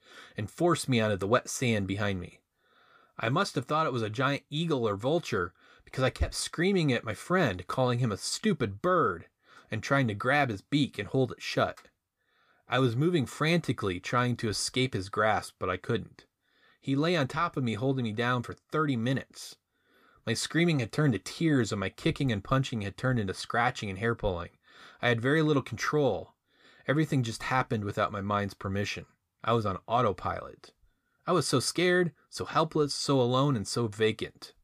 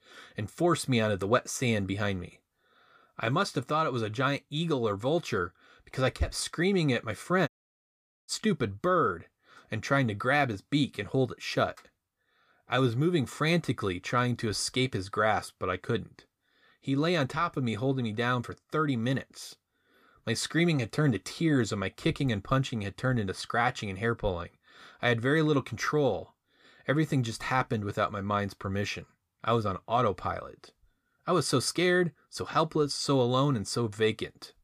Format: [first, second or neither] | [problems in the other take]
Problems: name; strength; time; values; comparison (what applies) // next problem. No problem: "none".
first | audio cutting out; at 7.5 s for 1 s